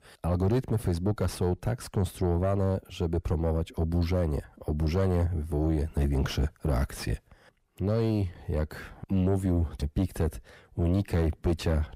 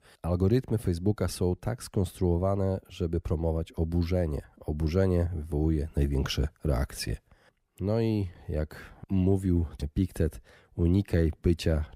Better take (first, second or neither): second